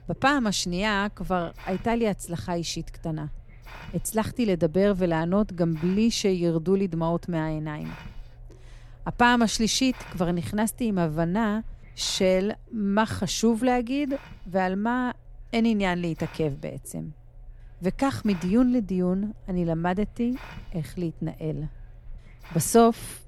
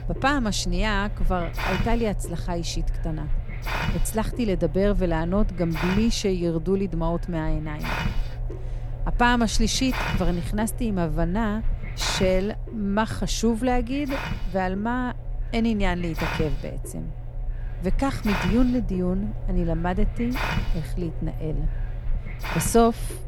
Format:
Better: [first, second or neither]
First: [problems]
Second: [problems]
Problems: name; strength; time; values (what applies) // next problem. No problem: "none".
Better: first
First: hiss; faint; throughout; 20 dB below the speech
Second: hiss; loud; throughout; 6 dB below the speech